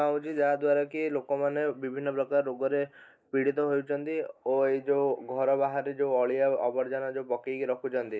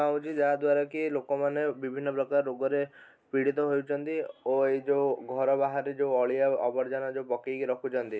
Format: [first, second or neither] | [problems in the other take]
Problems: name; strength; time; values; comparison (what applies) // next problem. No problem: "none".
second | noise reduction (neural mask model Resemble Enhance denoiser)